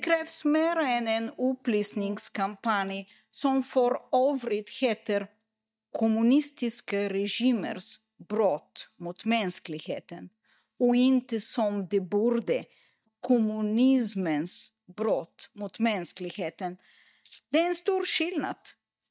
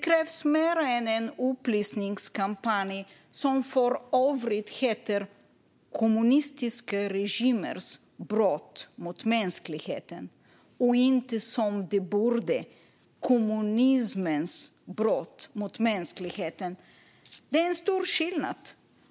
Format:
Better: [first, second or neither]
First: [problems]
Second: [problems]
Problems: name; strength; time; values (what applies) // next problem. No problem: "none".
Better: second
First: noise reduction (neural mask model DeepFilterNet 3)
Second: none